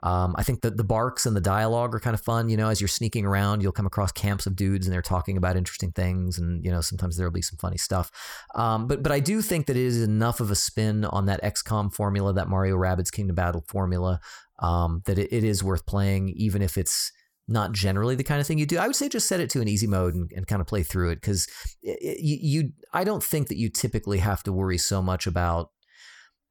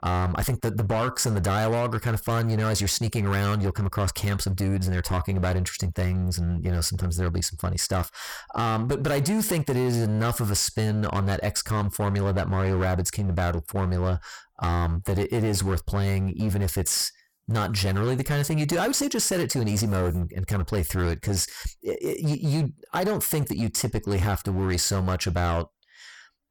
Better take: first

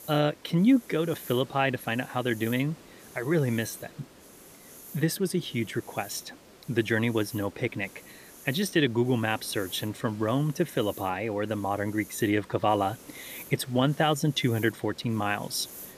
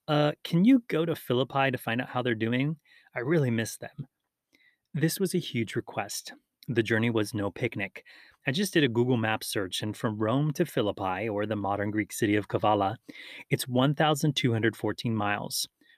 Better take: second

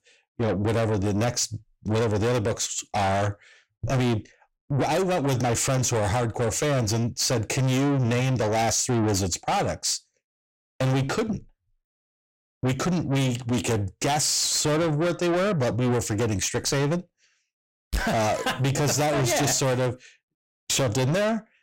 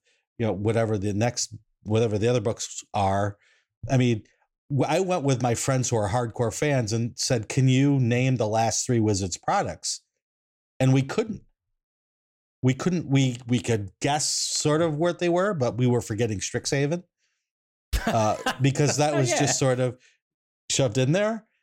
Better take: second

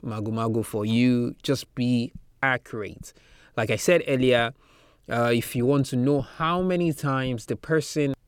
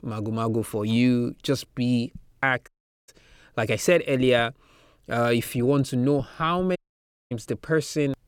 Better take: first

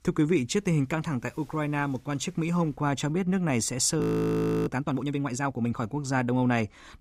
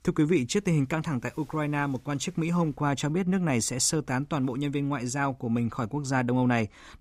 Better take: second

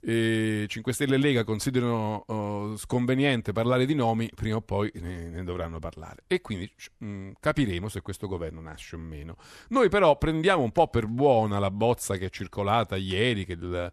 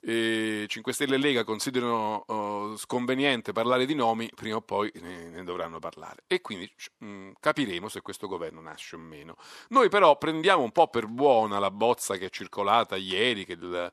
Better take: first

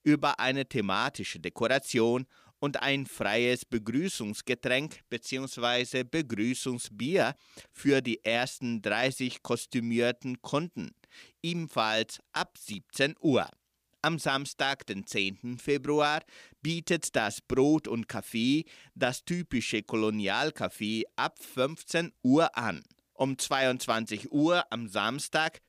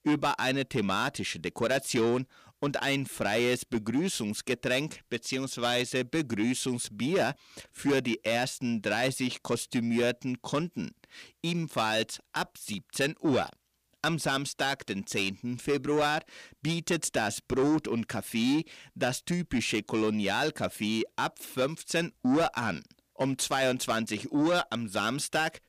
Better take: first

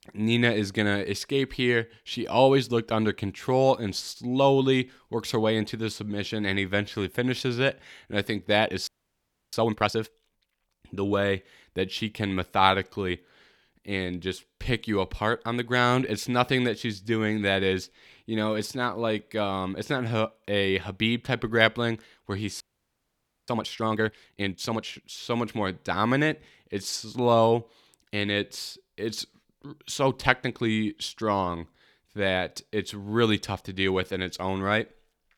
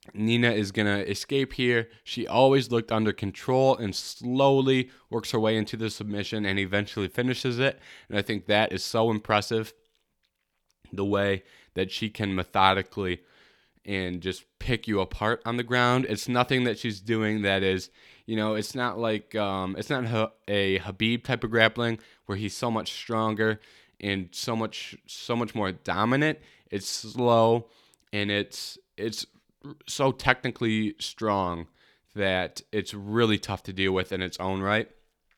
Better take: second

